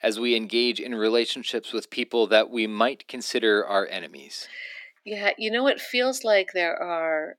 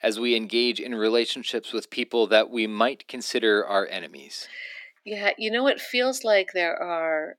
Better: neither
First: thin; somewhat; fading below 250 Hz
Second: thin; somewhat; fading below 250 Hz

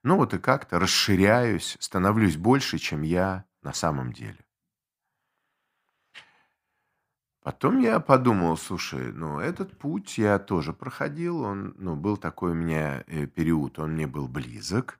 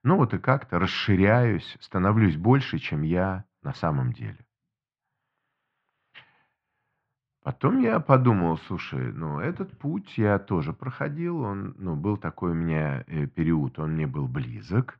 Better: first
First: none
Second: muffled; slightly; fading above 3.5 kHz

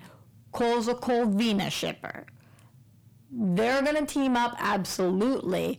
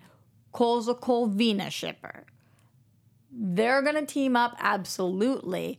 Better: second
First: distortion; heavy; 7 dB below the speech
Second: none

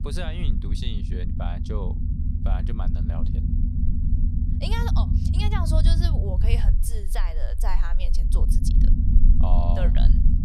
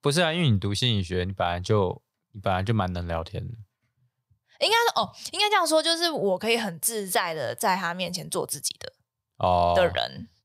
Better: second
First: low rumble; loud; throughout; 4 dB below the speech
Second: none

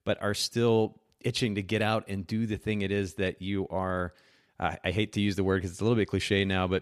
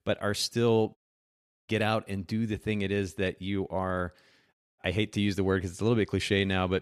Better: first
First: none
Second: audio cutting out; at 1 s for 0.5 s and at 4.5 s

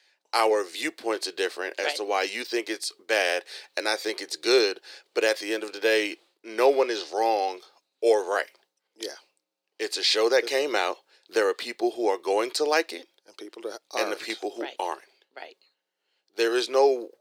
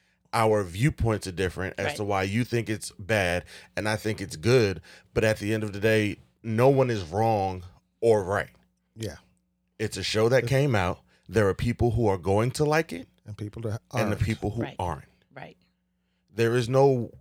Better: second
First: thin; very; fading below 350 Hz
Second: none

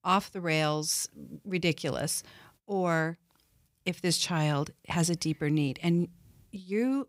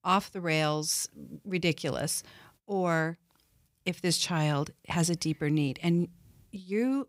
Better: neither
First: none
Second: none

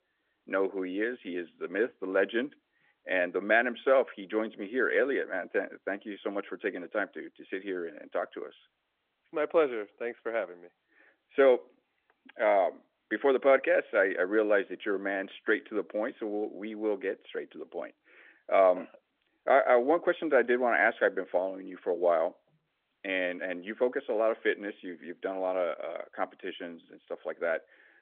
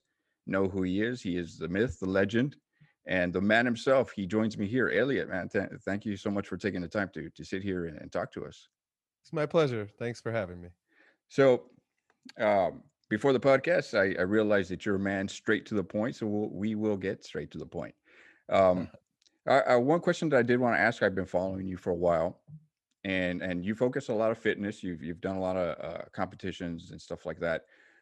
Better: second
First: phone-call audio; nothing above 3.5 kHz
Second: none

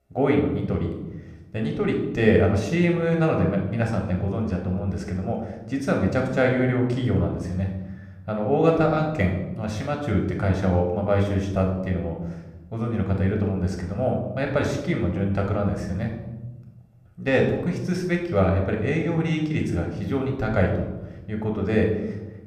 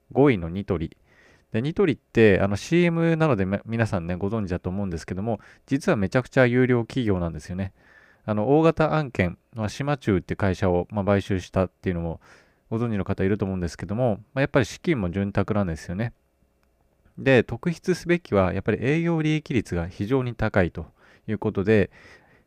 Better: second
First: room echo; noticeable; dies away in 1 s // off-mic speech; somewhat distant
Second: none

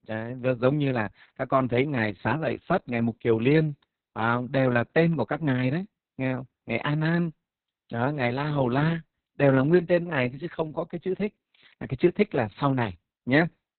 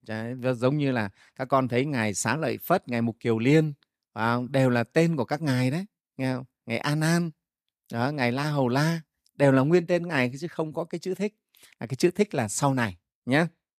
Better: second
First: garbled, watery; badly; nothing above 4 kHz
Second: none

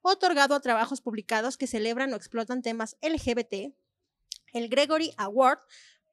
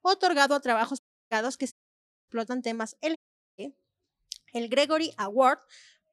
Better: first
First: none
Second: audio cutting out; at 1 s, at 1.5 s for 0.5 s and at 3 s

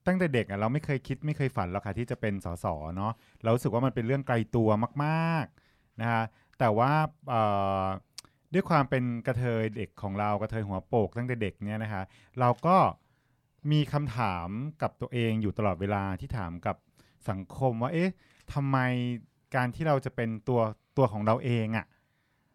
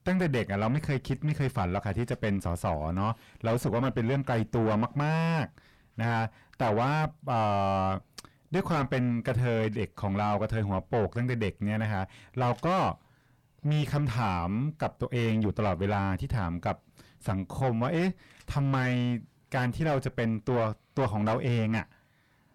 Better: first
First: none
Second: distortion; heavy; 6 dB below the speech

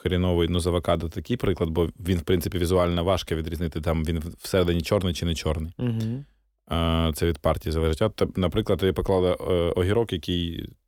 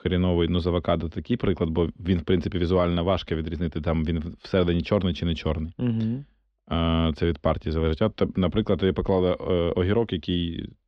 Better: first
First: none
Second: muffled; very slightly; fading above 4 kHz

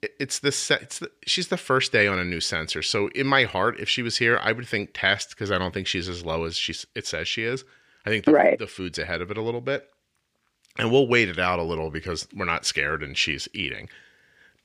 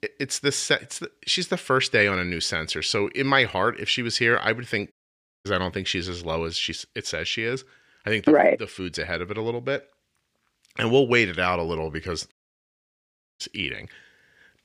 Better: first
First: none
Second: audio cutting out; at 5 s for 0.5 s and at 12 s for 1 s

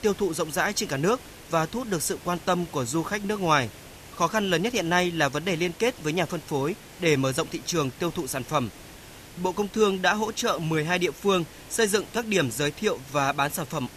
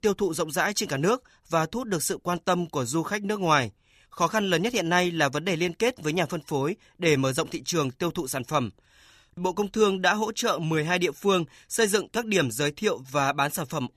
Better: second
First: hiss; noticeable; throughout; 20 dB below the speech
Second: none

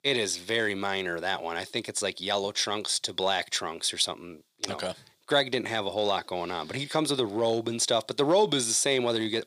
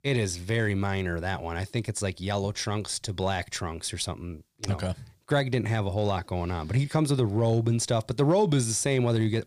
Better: second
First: thin; somewhat; fading below 350 Hz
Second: none

